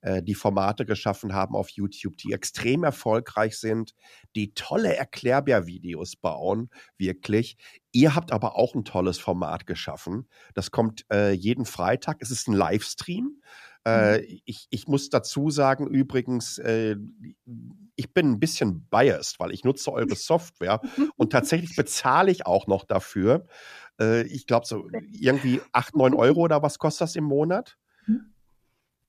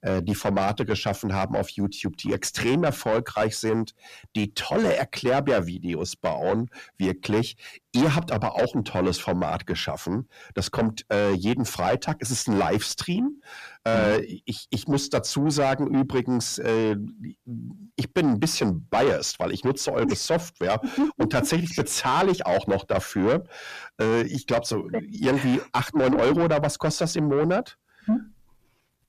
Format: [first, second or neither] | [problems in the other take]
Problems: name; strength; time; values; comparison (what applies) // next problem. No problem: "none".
first | distortion; heavy; 7 dB below the speech